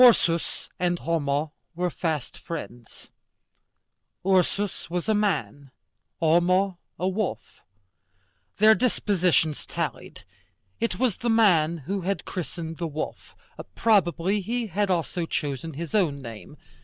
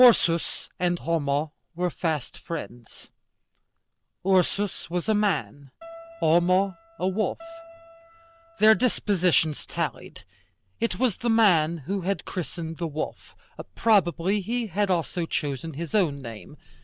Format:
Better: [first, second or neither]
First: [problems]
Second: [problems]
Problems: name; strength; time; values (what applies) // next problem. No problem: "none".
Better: first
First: none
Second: background sound (Keyboard (musical)); 19 dB below the speech